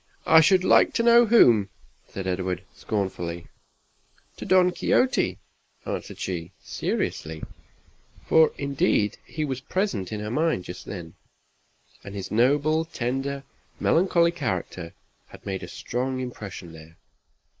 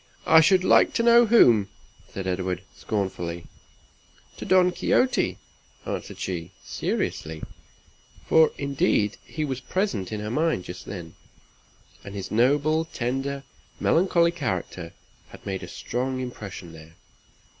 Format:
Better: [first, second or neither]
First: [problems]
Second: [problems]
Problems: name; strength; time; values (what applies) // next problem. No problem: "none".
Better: second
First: noise reduction (neural mask model Resemble Enhance denoiser)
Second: none